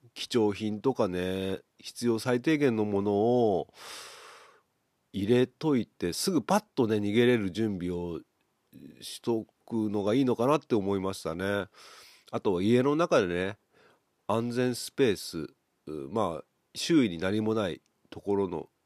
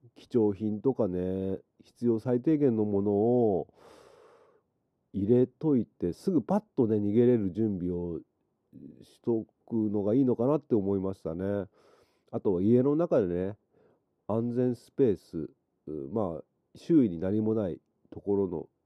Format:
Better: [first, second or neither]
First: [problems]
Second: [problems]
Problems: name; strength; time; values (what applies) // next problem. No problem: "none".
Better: first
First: none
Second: muffled; very; fading above 1 kHz